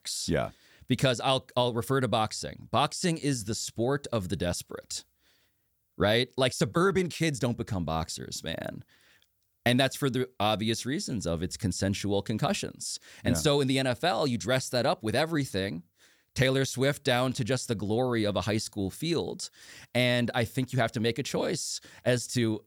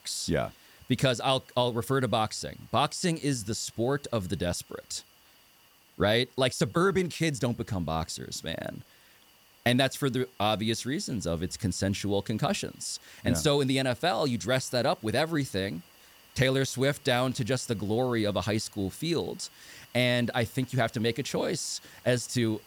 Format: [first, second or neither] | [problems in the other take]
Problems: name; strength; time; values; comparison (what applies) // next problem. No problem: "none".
first | hiss; faint; throughout; 25 dB below the speech